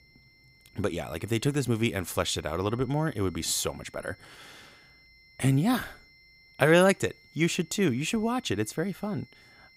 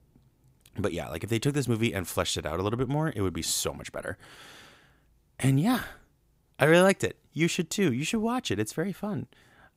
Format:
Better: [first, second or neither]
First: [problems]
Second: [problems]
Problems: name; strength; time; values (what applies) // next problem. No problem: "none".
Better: second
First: high-pitched whine; faint; throughout; 2 kHz, 30 dB below the speech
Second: none